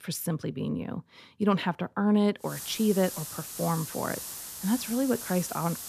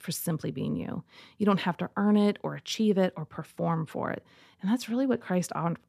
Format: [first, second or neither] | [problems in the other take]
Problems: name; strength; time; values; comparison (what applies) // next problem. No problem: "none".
second | hiss; loud; from 2.5 s on; 8 dB below the speech